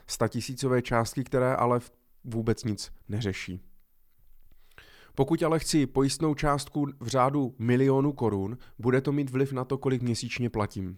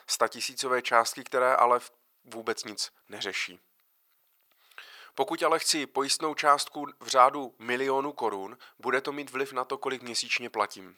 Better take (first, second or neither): first